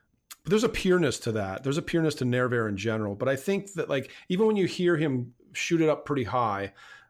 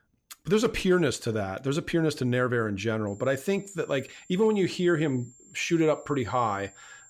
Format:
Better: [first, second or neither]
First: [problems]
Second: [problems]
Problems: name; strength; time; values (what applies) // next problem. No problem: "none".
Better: first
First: none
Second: high-pitched whine; faint; from 3 s on; 7.5 kHz, 25 dB below the speech